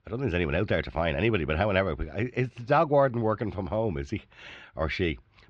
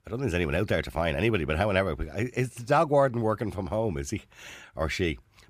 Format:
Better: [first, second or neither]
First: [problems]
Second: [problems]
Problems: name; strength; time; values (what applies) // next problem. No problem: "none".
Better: second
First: muffled; very slightly; fading above 4.5 kHz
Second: none